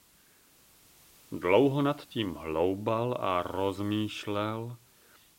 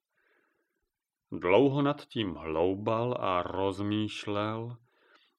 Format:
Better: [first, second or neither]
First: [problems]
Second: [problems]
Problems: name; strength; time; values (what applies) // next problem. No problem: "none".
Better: second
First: hiss; faint; throughout; 25 dB below the speech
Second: none